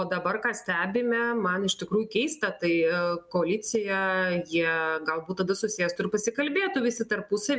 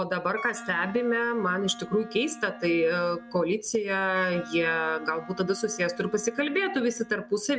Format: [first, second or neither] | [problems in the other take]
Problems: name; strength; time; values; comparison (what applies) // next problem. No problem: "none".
first | background sound (Wind instrument, woodwind instrument); 16 dB below the speech